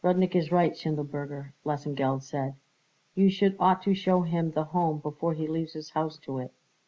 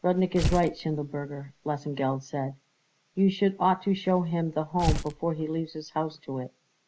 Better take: first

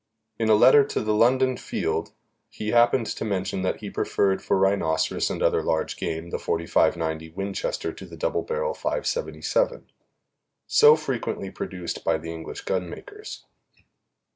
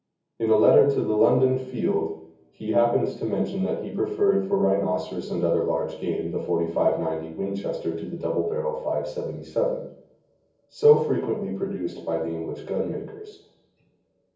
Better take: first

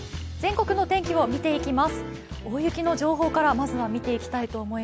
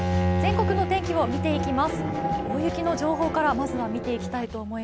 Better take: first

